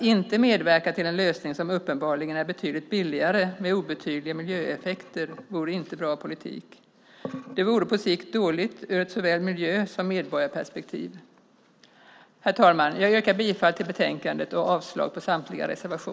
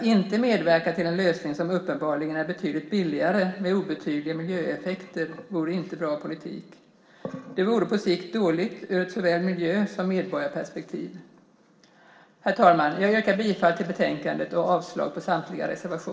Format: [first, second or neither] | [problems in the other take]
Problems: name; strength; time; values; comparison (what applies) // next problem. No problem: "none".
first | room echo; dies away in 1.2 s